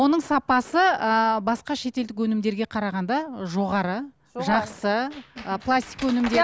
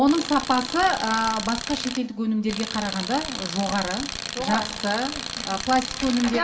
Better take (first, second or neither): first